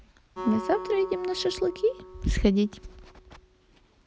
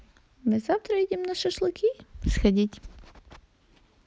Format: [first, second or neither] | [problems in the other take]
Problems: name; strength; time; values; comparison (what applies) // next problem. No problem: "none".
second | background sound (Acoustic guitar); 13 dB below the speech